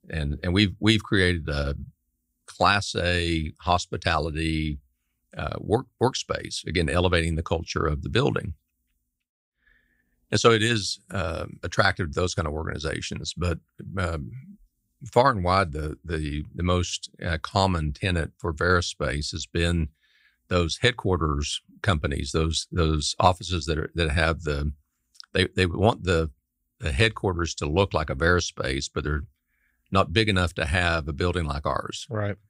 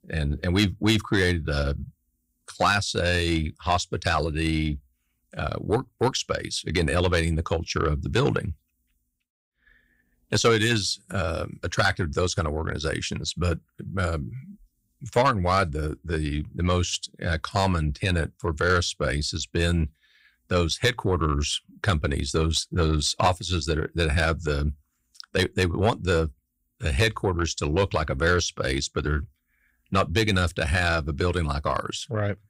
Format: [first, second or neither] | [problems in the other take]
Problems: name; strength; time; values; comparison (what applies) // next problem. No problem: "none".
first | distortion; slight; 10 dB below the speech